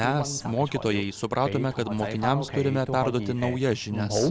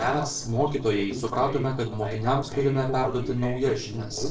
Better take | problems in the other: first | noise reduction (neural separator model SepFormer DNS4)

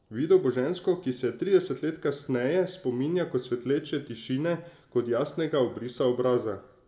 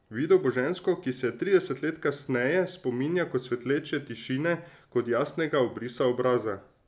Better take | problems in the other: second | room echo; dies away in 0.7 s

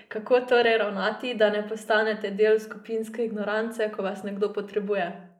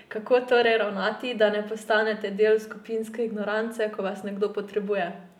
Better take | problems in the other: second | noise reduction (neural mask model Resemble Enhance denoiser)

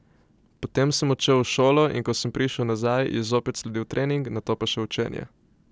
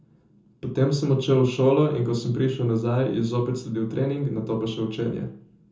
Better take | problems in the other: first | room echo; dies away in 0.6 s

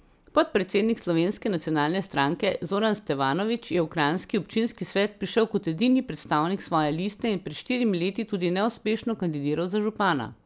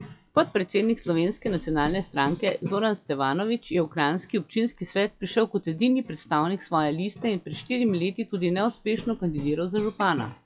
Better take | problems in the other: first | noise reduction (classical method WPE with log-MMSE)

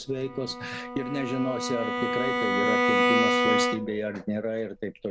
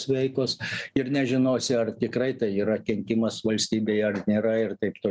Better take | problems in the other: second | background sound (Bowed string instrument); 4 dB above the speech

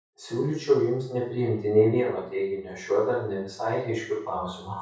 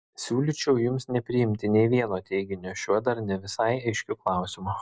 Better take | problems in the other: second | room echo; dies away in 0.6 s

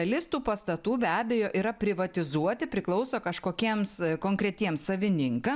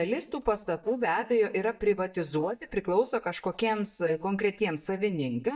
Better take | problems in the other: first | noise reduction (neural mask model DeepFilterNet 3)

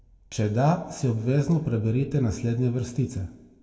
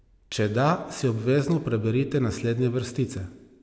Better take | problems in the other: second | room echo; dies away in 0.2 s

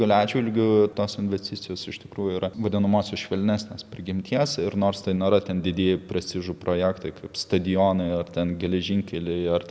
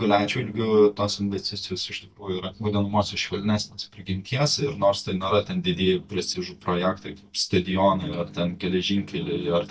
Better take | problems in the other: first | noise reduction (neural mask model DeepFilterNet 3)

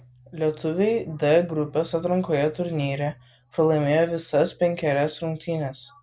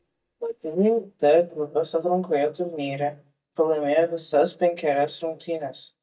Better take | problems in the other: first | noise reduction (neural mask model DeepFilterNet 3)

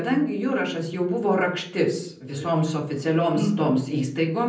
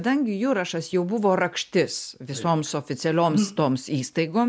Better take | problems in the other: second | room echo; dies away in 0.6 s

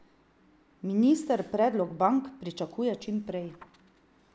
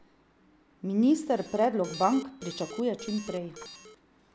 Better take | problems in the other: first | background sound (Alarm); 15 dB below the speech

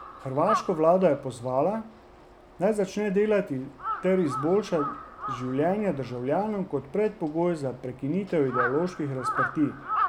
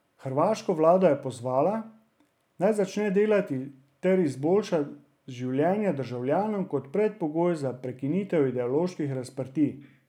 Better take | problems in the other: second | background sound (Crow); 8 dB below the speech

